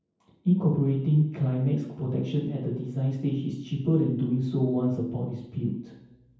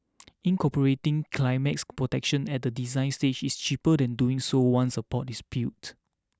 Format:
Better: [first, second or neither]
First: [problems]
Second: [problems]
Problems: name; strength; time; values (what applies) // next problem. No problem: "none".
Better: second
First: room echo; dies away in 0.9 s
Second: none